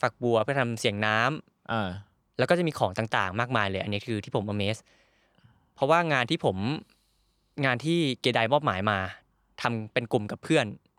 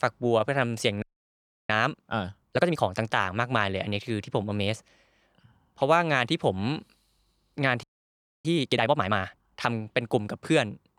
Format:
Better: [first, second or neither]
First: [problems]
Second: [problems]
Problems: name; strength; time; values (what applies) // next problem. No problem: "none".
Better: first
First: none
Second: audio freezing; at 1 s for 0.5 s and at 8 s for 0.5 s